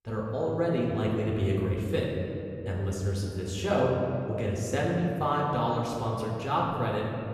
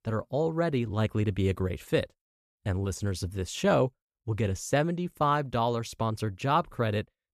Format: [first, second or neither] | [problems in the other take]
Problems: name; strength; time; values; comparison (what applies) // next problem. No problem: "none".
second | room echo; noticeable; dies away in 2.6 s // off-mic speech; far